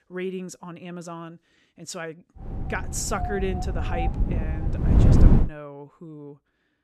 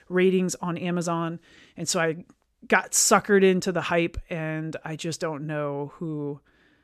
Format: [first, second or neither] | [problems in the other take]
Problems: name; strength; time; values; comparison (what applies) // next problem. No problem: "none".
second | wind noise on the microphone; heavy; from 2.5 to 5.5 s; 2 dB above the speech